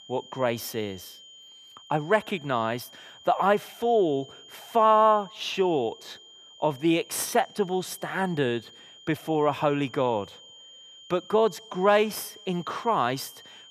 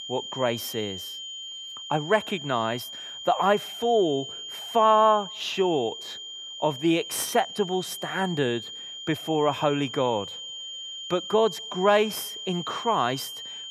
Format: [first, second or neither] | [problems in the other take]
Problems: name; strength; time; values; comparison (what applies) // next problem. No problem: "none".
first | high-pitched whine; loud; throughout; 3 kHz, 10 dB below the speech; faint in the first